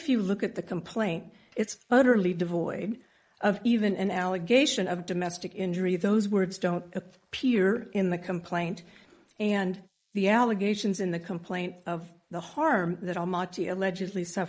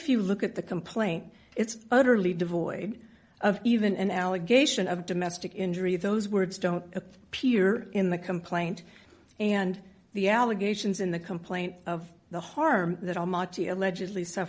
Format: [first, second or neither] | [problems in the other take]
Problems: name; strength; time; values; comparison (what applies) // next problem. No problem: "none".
second | noise reduction (neural mask model Resemble Enhance denoiser)